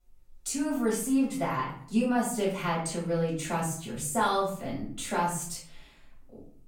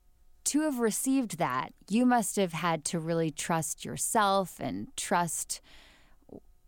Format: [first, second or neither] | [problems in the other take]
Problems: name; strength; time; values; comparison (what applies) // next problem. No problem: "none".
second | off-mic speech; far // room echo; noticeable; dies away in 0.5 s